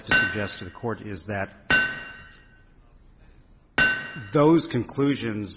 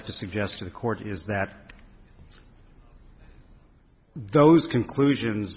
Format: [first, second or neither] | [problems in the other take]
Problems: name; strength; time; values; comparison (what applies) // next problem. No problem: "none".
second | background sound (Hammer); 1 dB below the speech